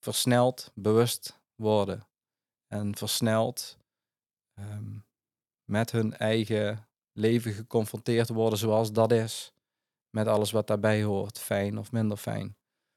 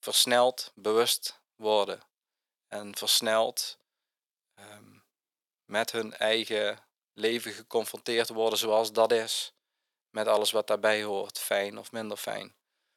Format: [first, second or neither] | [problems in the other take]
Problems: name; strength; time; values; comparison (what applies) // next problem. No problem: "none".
first | thin; very; fading below 500 Hz